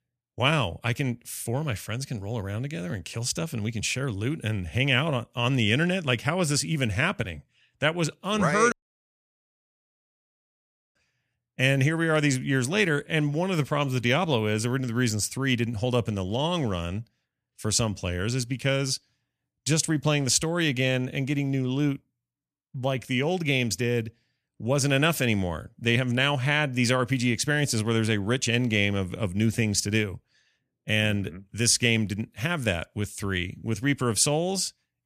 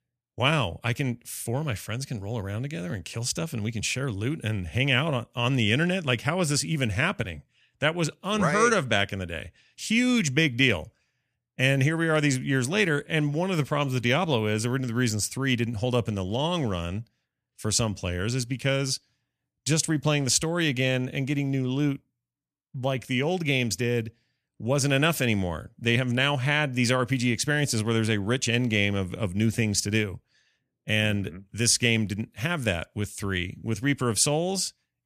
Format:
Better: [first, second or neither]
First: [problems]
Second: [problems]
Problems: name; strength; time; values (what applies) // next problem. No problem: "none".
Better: second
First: audio cutting out; at 8.5 s for 2 s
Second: none